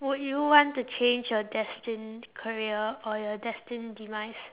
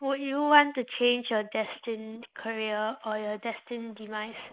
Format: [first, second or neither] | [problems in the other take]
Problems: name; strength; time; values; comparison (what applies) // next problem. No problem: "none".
first | noise reduction (neural mask model Resemble Enhance denoiser)